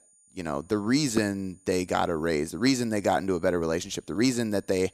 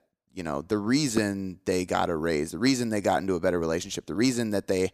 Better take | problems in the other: second | high-pitched whine; faint; throughout; 9 kHz, 30 dB below the speech

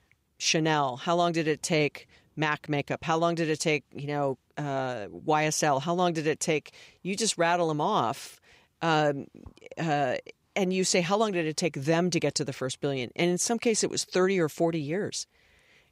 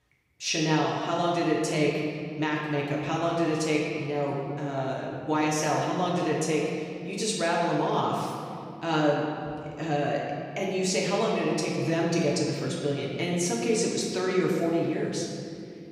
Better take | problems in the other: first | room echo; noticeable; dies away in 2.2 s // off-mic speech; far

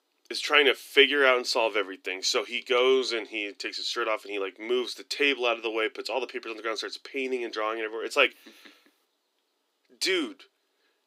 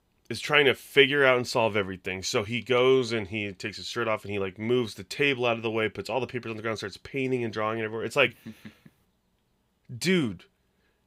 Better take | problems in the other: second | thin; somewhat; fading below 300 Hz

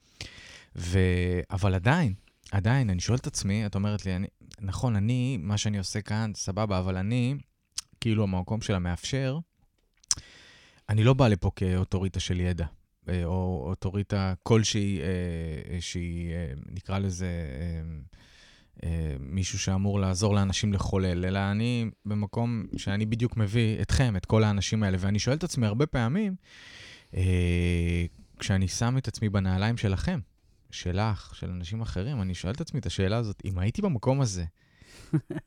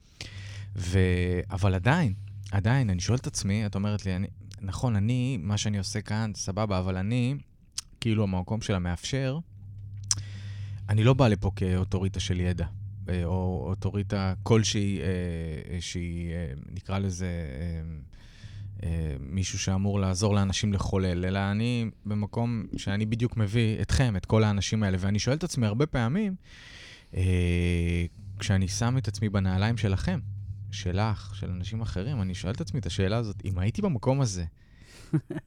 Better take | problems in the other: first | low rumble; faint; throughout; 25 dB below the speech

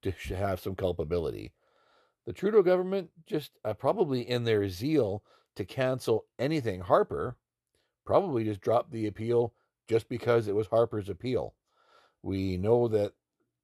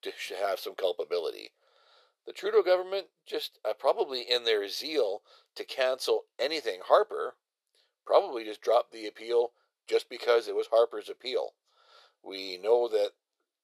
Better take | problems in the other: first | thin; very; fading below 450 Hz

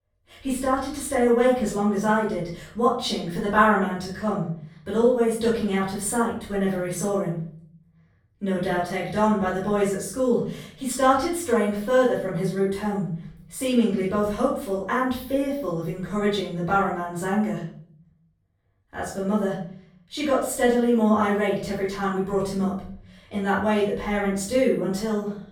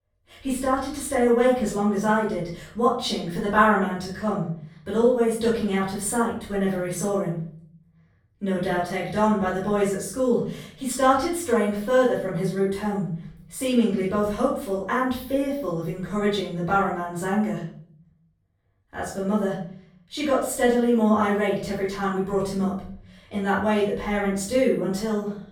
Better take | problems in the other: neither | off-mic speech; far; the same in both // room echo; noticeable; dies away in 0.6 s; the same in both

